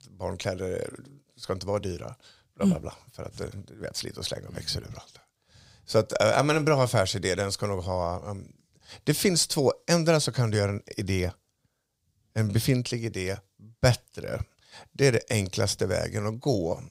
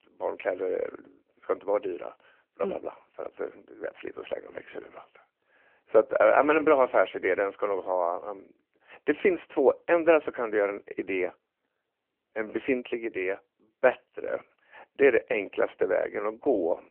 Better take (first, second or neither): first